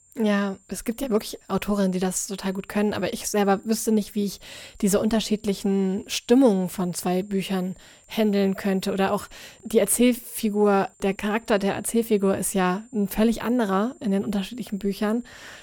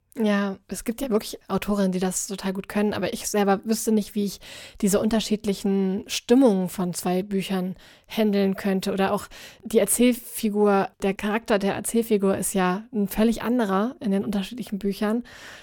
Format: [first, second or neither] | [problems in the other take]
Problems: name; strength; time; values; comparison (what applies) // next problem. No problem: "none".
second | high-pitched whine; faint; throughout; 7.5 kHz, 30 dB below the speech